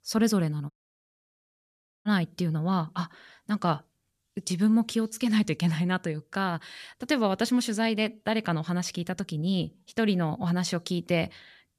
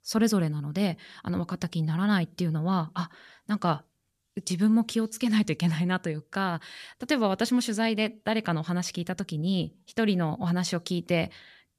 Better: second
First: audio cutting out; at 0.5 s for 1.5 s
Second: none

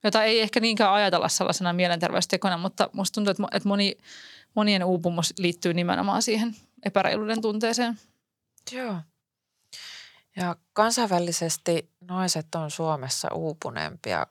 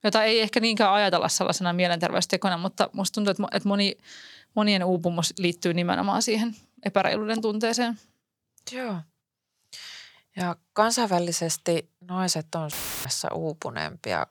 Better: first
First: none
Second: audio cutting out; filled with static; at 13 s

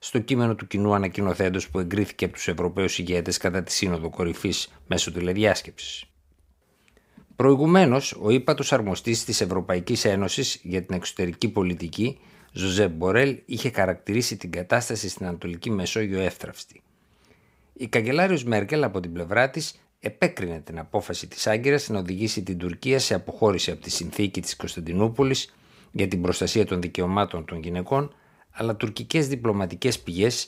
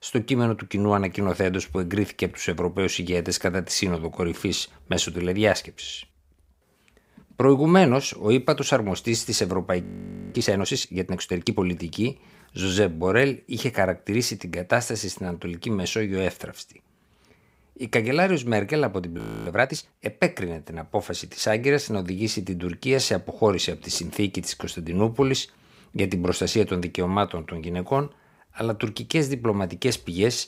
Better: first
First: none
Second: audio freezing; at 10 s and at 19 s

